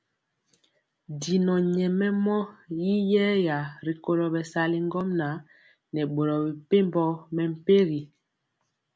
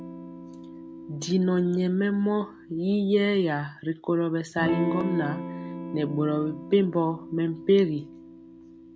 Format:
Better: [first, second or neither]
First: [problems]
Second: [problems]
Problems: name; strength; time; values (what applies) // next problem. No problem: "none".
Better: first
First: none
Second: background sound (Electric guitar / Strum); 11 dB below the speech